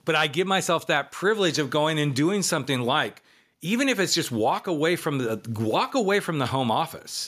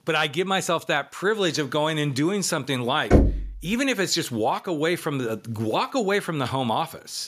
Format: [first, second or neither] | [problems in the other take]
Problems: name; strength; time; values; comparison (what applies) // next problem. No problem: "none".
first | door banging; loud; at 3 s; peak 5 dB above the speech